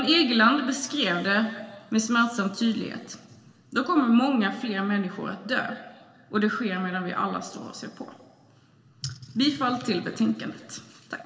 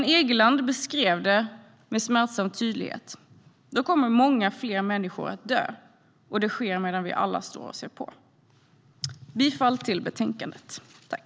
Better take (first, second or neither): second